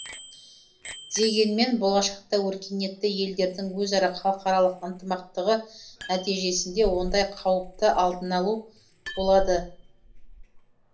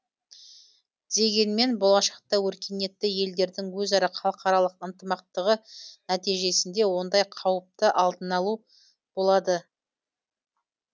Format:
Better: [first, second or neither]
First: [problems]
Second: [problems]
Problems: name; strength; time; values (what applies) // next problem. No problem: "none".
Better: second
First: background sound (Bicycle bell); 14 dB below the speech // room echo; dies away in 0.3 s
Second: none